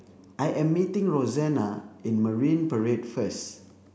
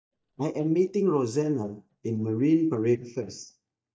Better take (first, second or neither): first